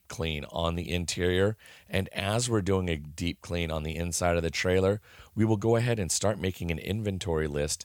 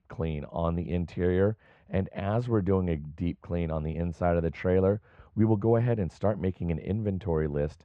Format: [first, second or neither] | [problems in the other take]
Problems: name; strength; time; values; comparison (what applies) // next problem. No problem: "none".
first | muffled; very; fading above 1 kHz